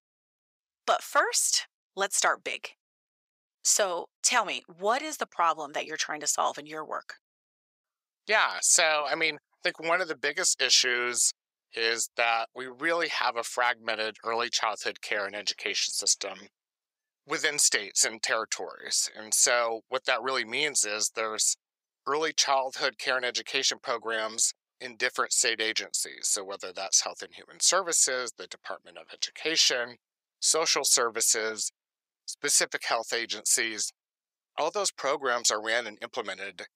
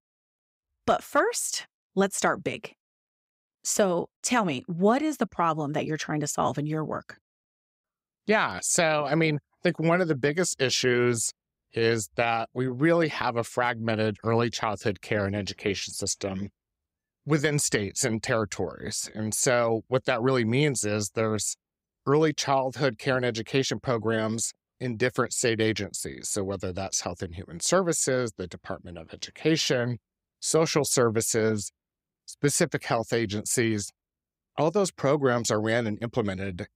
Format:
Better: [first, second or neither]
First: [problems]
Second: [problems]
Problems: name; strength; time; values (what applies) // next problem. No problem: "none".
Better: second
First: thin; very; fading below 700 Hz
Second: none